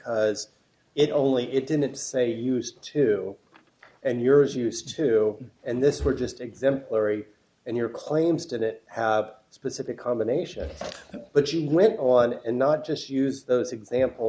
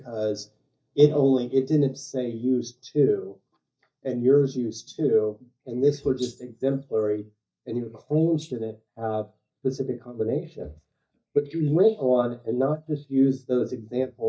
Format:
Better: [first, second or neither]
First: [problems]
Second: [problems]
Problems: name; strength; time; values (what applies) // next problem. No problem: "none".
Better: first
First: none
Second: noise reduction (neural mask model DeepFilterNet 3)